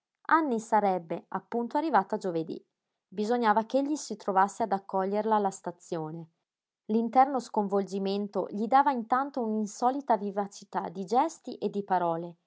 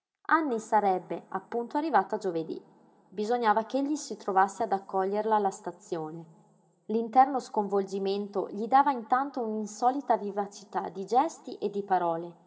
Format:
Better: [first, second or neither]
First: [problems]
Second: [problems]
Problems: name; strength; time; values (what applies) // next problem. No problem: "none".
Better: first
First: none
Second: room echo; dies away in 2.8 s